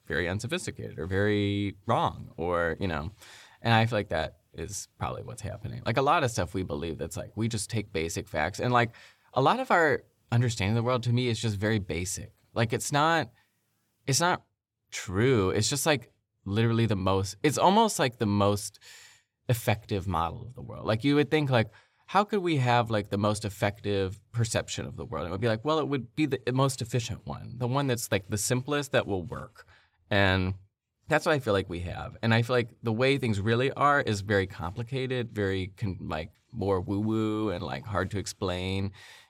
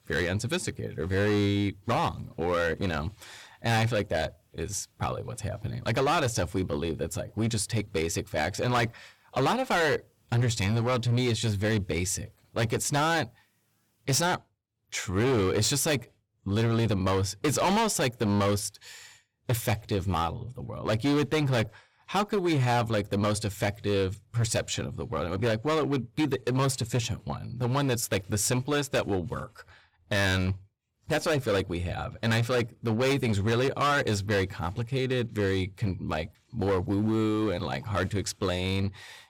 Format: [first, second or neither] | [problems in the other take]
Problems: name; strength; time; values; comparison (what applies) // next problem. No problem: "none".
first | distortion; heavy; 11% of the sound clipped